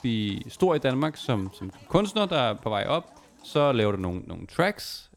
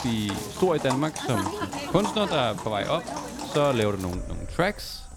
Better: first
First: animal sounds; faint; throughout; 25 dB below the speech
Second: animal sounds; loud; throughout; 7 dB below the speech

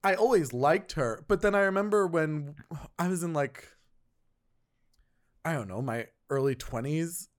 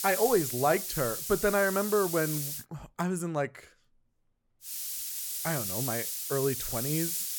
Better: first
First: none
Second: hiss; loud; until 2.5 s and from 4.5 s on; 3 dB below the speech

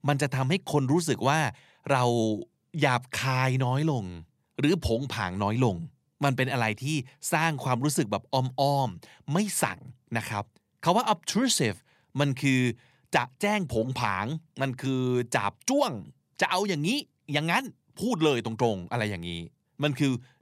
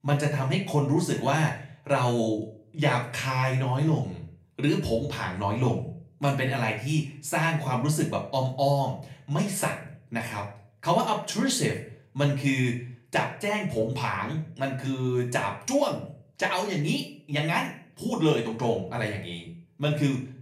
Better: first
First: none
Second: room echo; slight; dies away in 0.4 s // off-mic speech; far

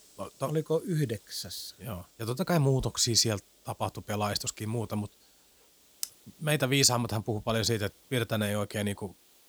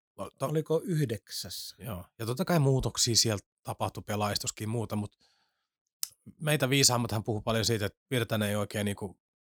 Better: second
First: hiss; faint; throughout; 30 dB below the speech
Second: none

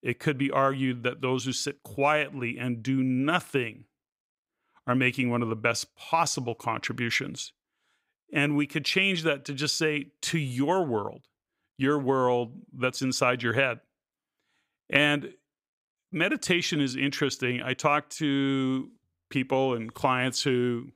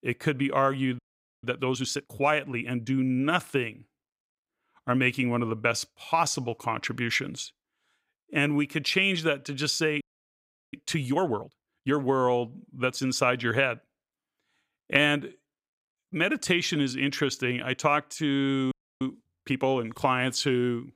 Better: first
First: none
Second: audio freezing; at 1 s, at 10 s for 0.5 s and at 19 s

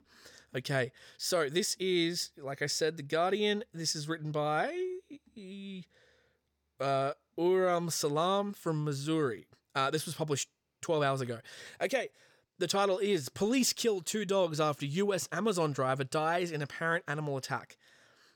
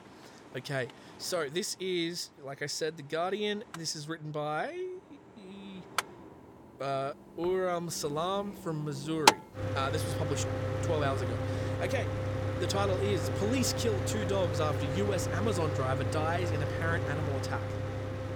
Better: first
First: none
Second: machinery noise; very loud; throughout; 2 dB above the speech

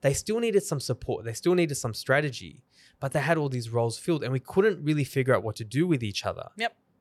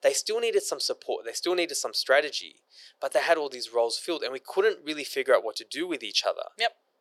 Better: first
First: none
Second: thin; very; fading below 400 Hz

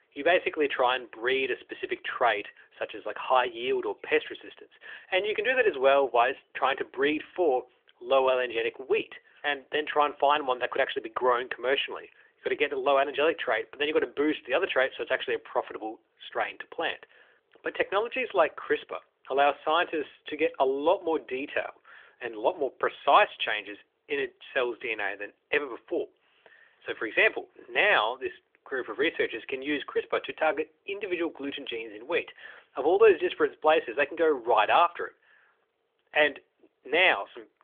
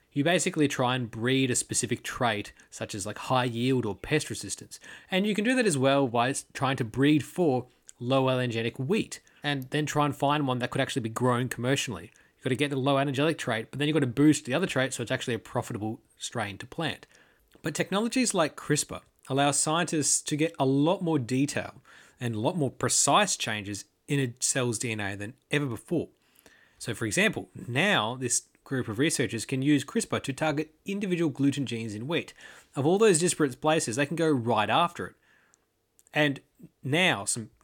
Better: second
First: phone-call audio; nothing above 3.5 kHz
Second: none

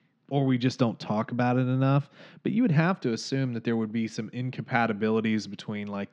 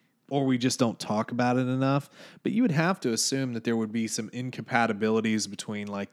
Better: second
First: muffled; slightly; fading above 4 kHz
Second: none

